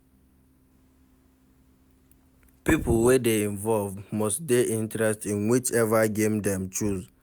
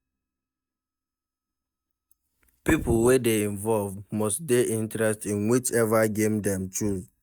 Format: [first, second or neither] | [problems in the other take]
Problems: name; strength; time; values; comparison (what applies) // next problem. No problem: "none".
first | noise reduction (neural mask model DeepFilterNet 3)